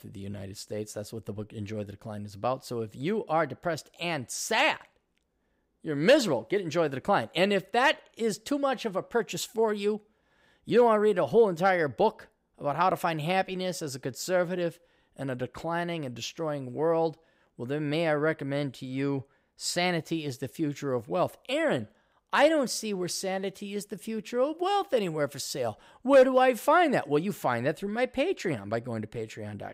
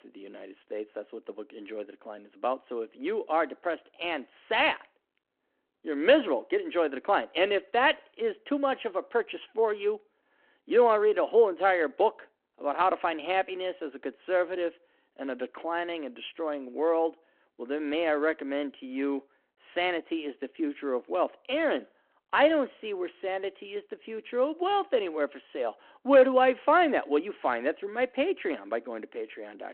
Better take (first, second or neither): first